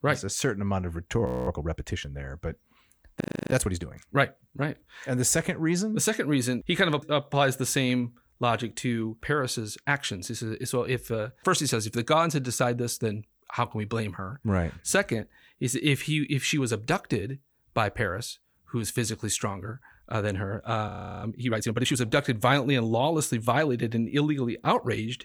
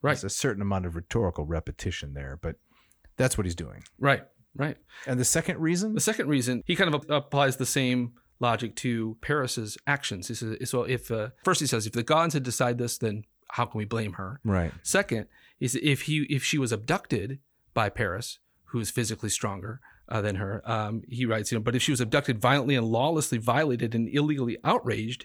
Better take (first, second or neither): second